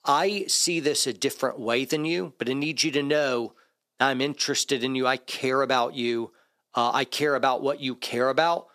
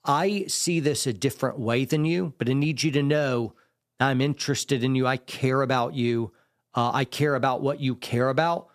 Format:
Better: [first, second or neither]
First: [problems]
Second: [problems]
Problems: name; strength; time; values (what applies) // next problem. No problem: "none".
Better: second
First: thin; very slightly; fading below 300 Hz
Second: none